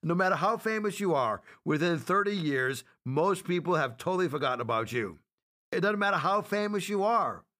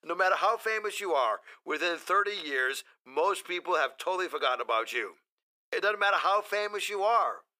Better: first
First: none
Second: thin; very; fading below 450 Hz

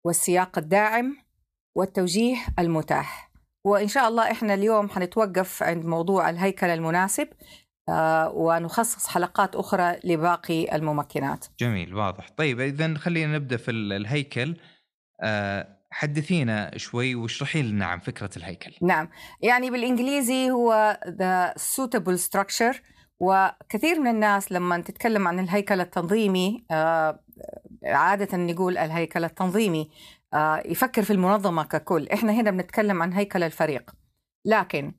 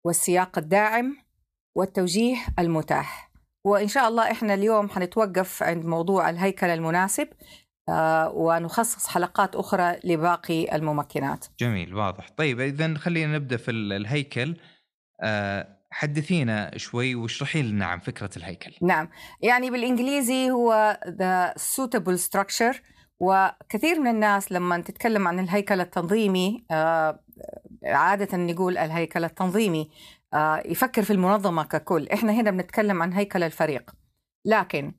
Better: neither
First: none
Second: none

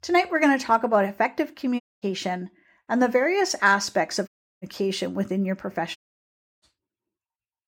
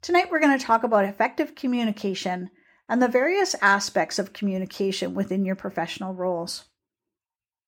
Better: second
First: audio cutting out; at 2 s, at 4.5 s and at 6 s for 0.5 s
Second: none

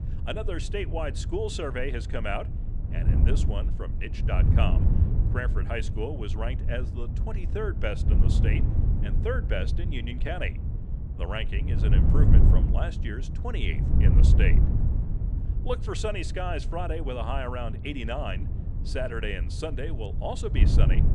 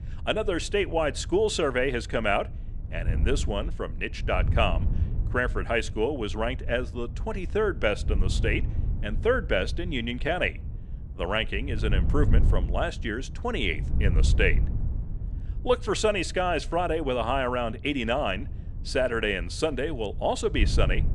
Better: second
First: wind noise on the microphone; heavy; 7 dB below the speech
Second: wind noise on the microphone; occasional gusts; 20 dB below the speech

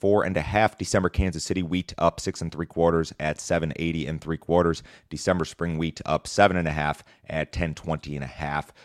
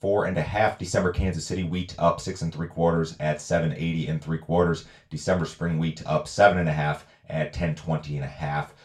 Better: first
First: none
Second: room echo; very slight; dies away in 0.2 s // off-mic speech; far

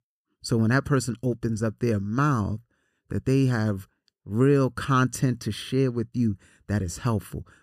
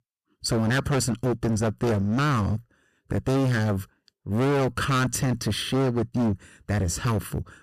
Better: first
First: none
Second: distortion; heavy; 24% of the sound clipped

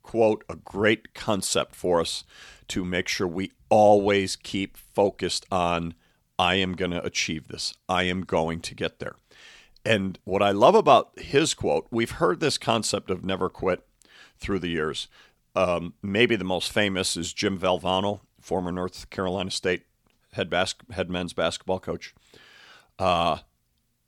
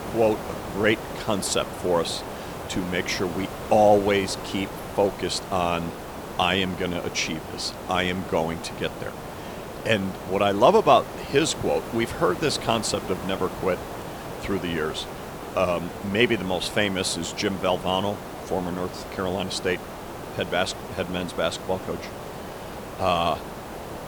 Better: first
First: none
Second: hiss; noticeable; throughout; 10 dB below the speech

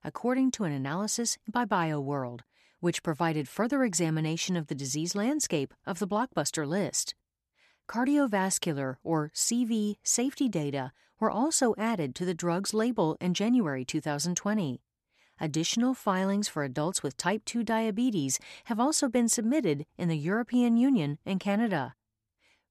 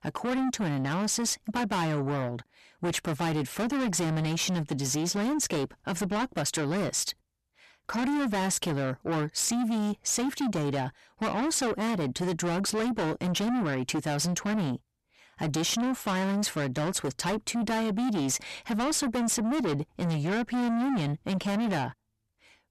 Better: first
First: none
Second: distortion; heavy; 6 dB below the speech

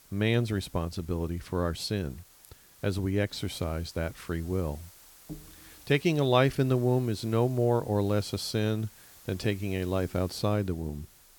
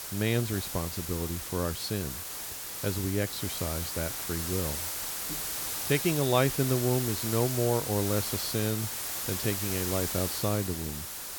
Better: first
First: hiss; faint; throughout; 25 dB below the speech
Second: hiss; loud; throughout; 2 dB below the speech

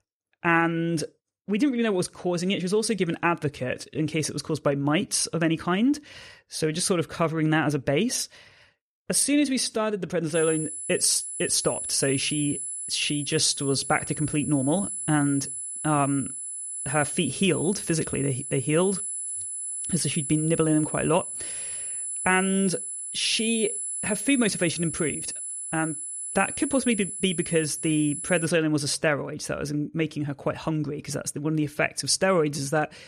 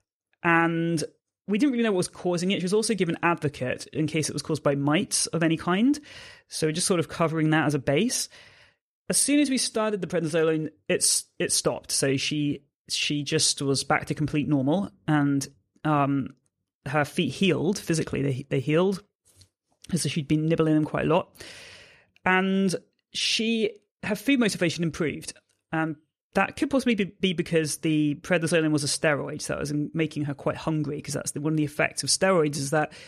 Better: second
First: high-pitched whine; loud; from 10 to 28 s; 10 kHz, 5 dB below the speech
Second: none

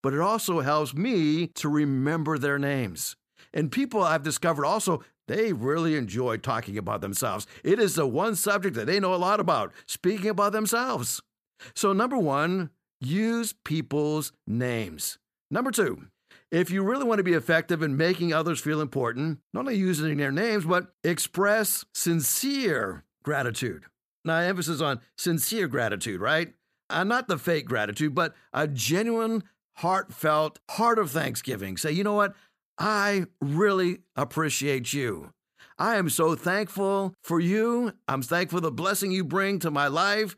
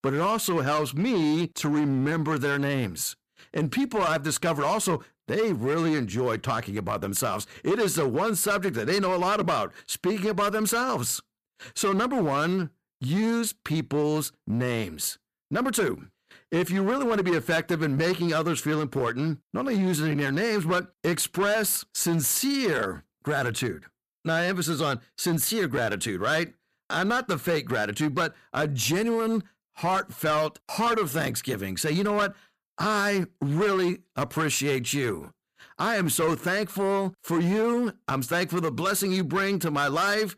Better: first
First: none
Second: distortion; slight; 11% of the sound clipped

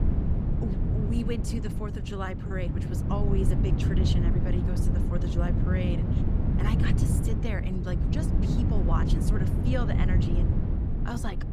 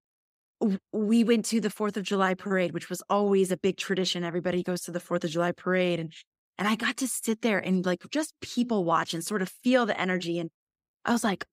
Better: second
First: wind noise on the microphone; heavy; as loud as the speech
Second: none

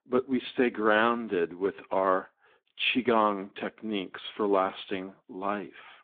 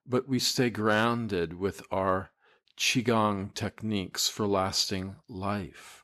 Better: second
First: phone-call audio; nothing above 3.5 kHz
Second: none

